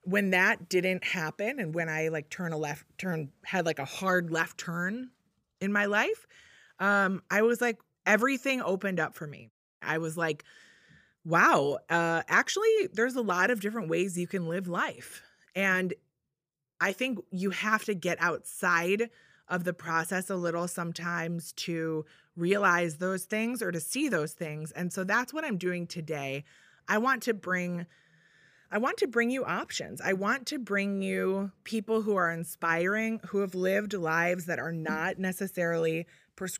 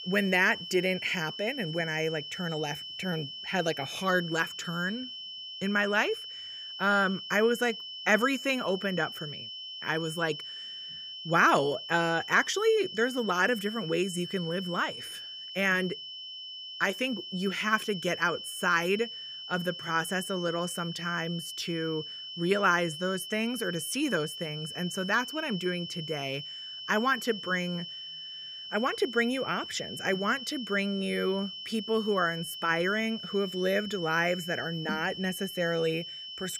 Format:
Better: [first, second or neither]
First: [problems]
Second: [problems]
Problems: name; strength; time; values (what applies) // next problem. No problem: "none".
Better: first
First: none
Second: high-pitched whine; loud; throughout; 3 kHz, 9 dB below the speech